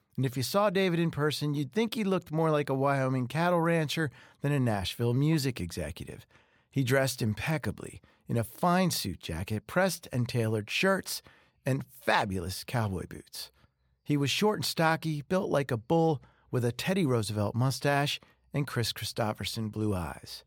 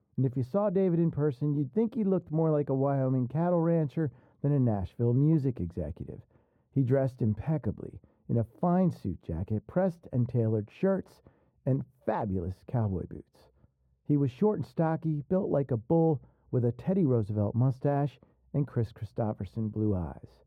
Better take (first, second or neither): first